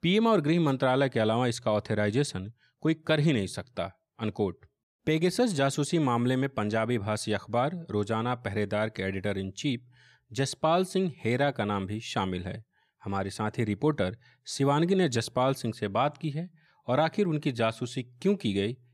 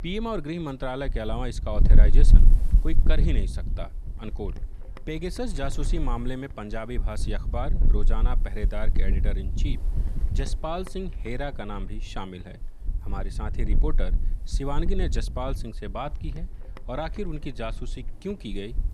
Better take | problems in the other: first | wind noise on the microphone; occasional gusts; 10 dB below the speech

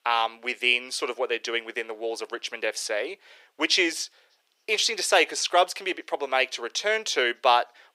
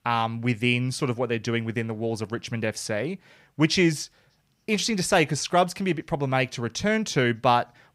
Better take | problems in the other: second | thin; very; fading below 400 Hz

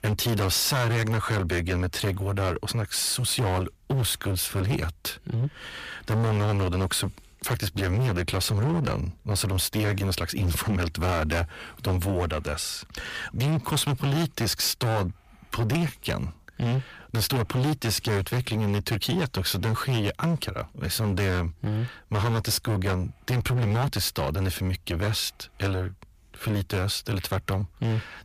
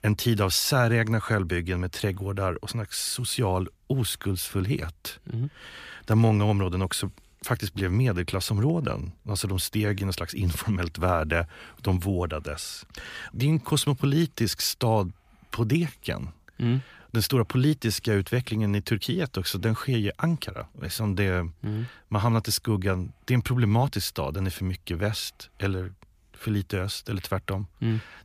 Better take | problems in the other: second | distortion; heavy; 20% of the sound clipped

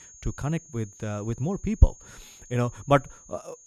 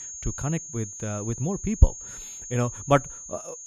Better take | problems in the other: first | high-pitched whine; loud; throughout; 6.5 kHz, 10 dB below the speech; faint in the first

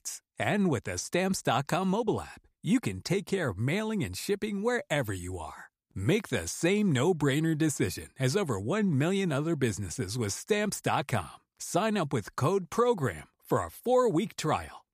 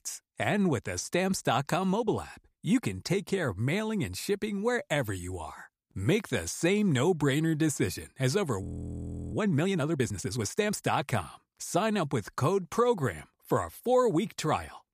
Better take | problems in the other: first | audio freezing; at 8.5 s for 0.5 s

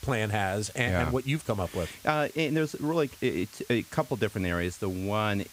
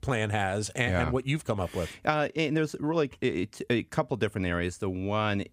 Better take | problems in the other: second | hiss; noticeable; throughout; 20 dB below the speech

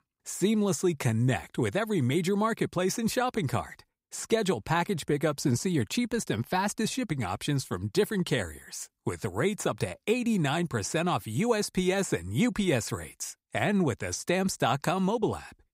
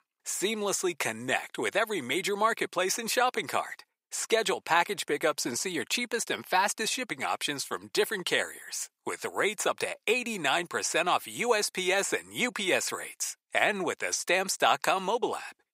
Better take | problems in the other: first | thin; very; fading below 500 Hz

